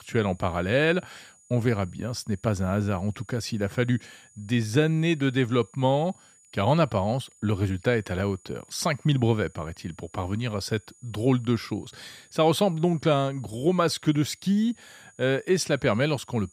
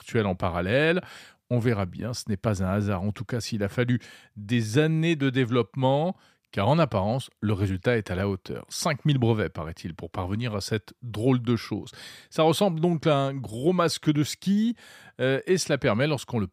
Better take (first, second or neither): second